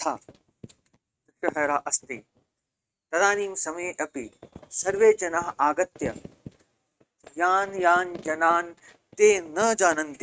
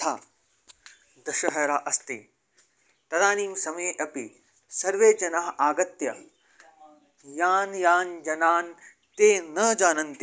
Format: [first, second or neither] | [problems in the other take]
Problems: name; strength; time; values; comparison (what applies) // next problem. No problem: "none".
second | noise reduction (neural mask model RNNoise)